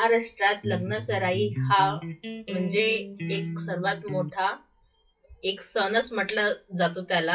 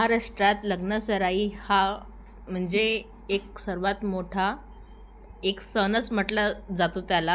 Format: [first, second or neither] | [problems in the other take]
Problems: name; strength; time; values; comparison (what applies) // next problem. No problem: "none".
second | noise reduction (classical method WPE with log-MMSE)